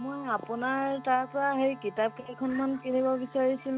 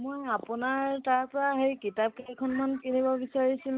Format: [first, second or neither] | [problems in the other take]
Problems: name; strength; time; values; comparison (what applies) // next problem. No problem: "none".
second | background sound (Wind instrument, woodwind instrument); 20 dB below the speech